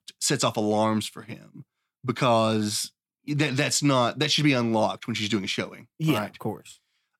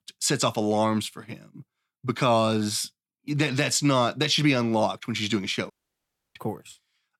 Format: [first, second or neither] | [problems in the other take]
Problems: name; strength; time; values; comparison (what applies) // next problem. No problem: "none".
first | audio cutting out; at 5.5 s for 0.5 s